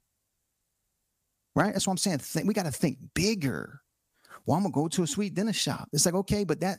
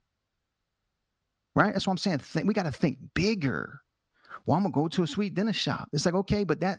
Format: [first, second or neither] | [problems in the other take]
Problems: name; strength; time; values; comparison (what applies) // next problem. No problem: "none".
first | muffled; very slightly; fading above 5 kHz